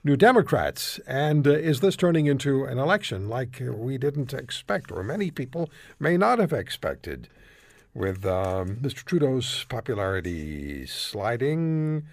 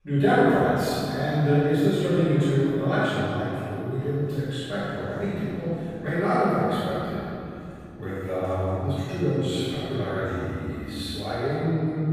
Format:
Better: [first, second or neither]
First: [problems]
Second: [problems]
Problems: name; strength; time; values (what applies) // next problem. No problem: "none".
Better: first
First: none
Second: off-mic speech; far // room echo; strong; dies away in 2.9 s